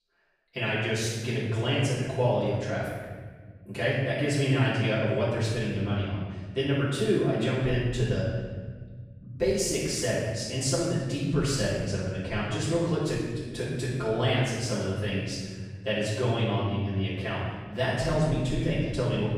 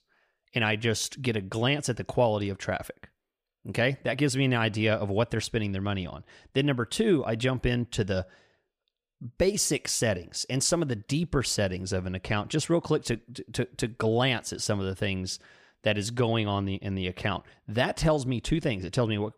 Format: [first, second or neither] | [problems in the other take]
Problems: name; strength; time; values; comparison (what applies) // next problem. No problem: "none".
second | off-mic speech; far // room echo; strong; dies away in 1.6 s